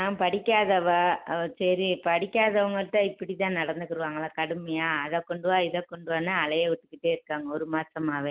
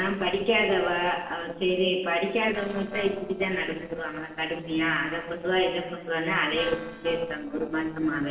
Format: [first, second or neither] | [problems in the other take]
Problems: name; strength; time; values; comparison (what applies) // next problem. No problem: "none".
first | noise reduction (neural separator model SepFormer DNS4)